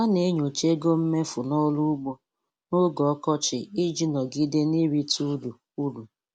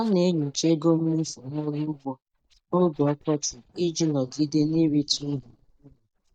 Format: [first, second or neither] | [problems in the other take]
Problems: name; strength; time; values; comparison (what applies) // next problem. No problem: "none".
first | noise reduction (neural mask model DeepFilterNet 3)